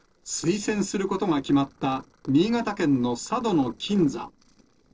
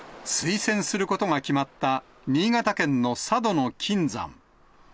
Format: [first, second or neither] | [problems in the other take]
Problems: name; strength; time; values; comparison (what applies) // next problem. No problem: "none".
second | noise reduction (neural separator model SepFormer DNS4)